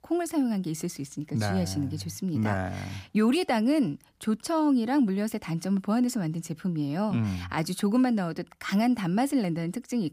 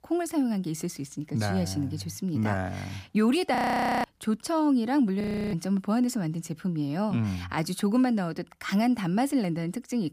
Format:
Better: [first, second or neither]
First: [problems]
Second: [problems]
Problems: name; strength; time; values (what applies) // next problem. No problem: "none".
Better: first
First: none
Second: audio freezing; at 3.5 s and at 5 s